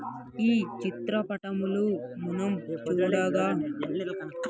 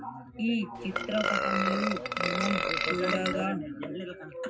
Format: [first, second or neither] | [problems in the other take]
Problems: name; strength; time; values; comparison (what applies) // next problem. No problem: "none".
first | background sound (Burping, eructation); 1 dB above the speech // room echo; dies away in 0.4 s